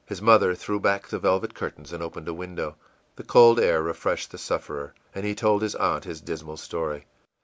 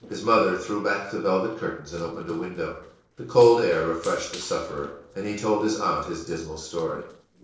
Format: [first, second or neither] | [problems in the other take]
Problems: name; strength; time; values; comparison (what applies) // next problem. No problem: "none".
first | noise reduction (neural separator model SepFormer DNS4)